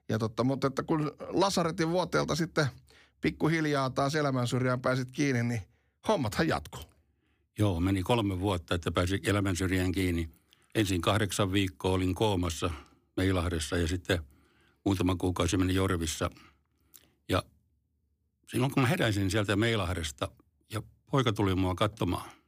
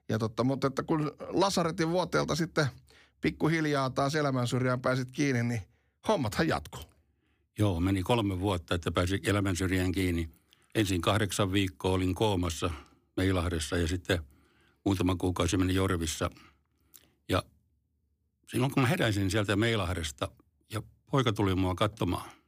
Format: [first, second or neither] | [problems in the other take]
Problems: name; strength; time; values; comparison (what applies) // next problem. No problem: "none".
neither | none